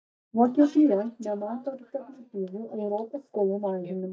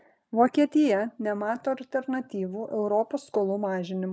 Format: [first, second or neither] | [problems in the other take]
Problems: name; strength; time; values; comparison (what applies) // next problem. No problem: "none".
second | noise reduction (neural mask model DeepFilterNet 3)